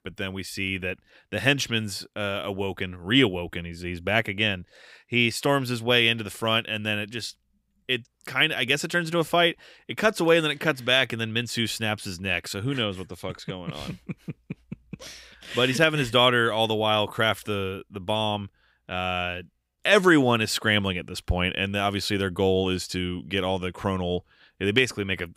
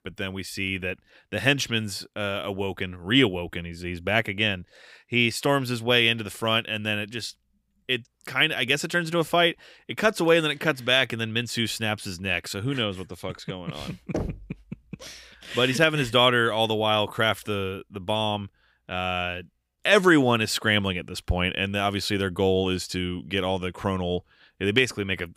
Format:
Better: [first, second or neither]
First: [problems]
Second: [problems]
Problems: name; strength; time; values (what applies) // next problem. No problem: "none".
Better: first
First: none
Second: door banging; noticeable; at 14 s; peak 8 dB below the speech